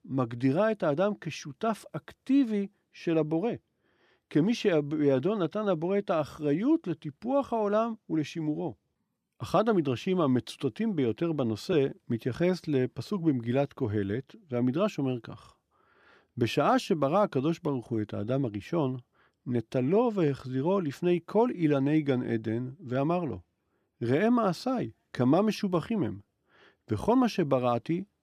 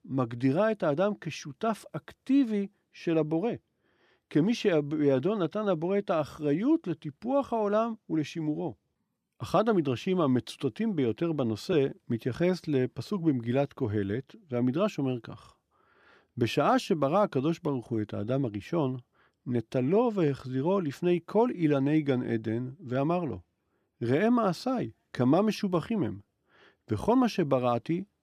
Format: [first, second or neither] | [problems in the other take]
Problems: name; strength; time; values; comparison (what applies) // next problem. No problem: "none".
neither | none